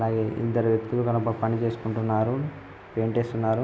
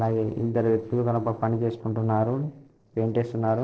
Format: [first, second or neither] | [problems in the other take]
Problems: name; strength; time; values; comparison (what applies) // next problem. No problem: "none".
first | noise reduction (neural separator model SepFormer DNS4)